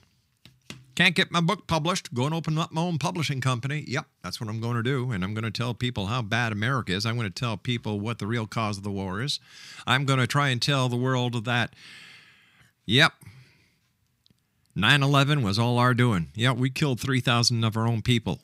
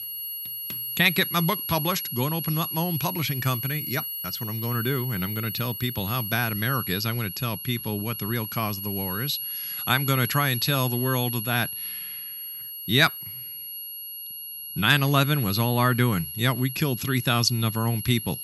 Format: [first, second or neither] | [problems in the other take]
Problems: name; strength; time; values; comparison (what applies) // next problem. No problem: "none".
first | high-pitched whine; loud; throughout; 11.5 kHz, 6 dB below the speech